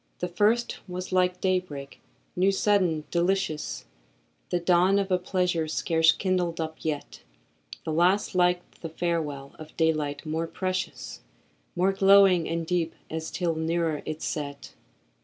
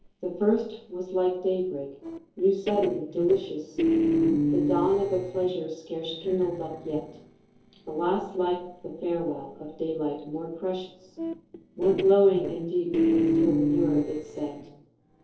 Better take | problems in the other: first | noise reduction (neural separator model SepFormer DNS4)

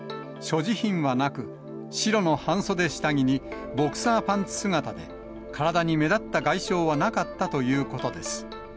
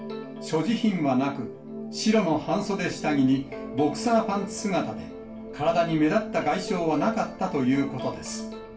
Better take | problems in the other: first | room echo; dies away in 0.3 s

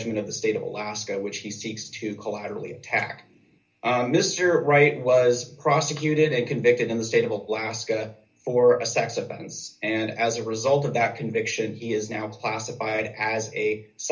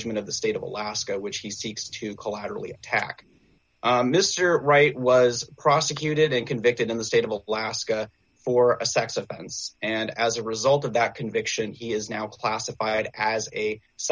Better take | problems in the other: second | room echo; dies away in 0.3 s

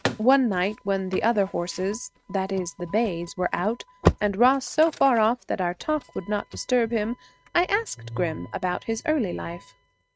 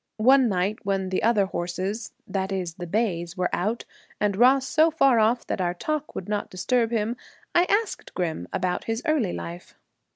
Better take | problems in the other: second | noise reduction (neural mask model RNNoise)

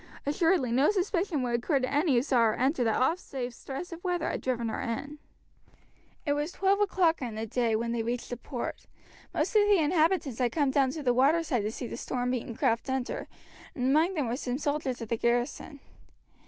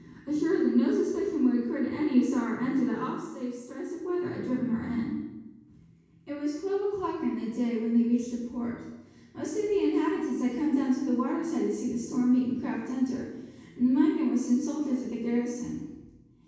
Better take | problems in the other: first | room echo; dies away in 1.2 s

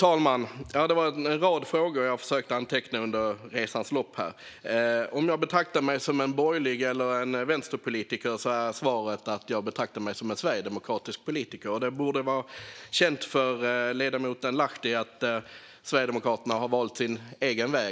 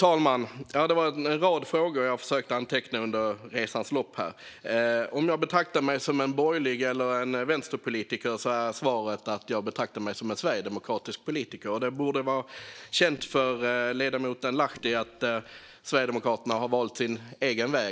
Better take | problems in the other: first | noise reduction (neural separator model SepFormer DNS4)

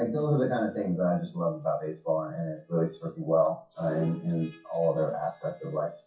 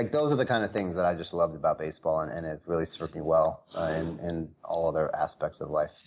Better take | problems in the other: second | noise reduction (classical method WPE with log-MMSE)

